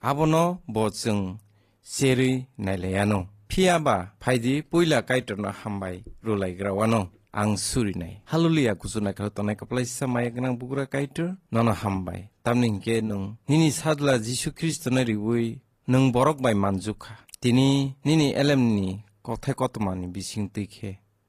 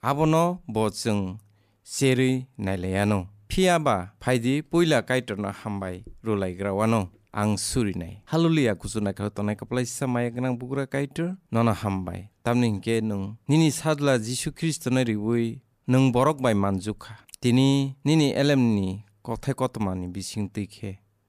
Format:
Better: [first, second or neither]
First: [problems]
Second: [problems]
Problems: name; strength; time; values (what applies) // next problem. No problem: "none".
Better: second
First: garbled, watery; slightly; nothing above 14.5 kHz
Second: none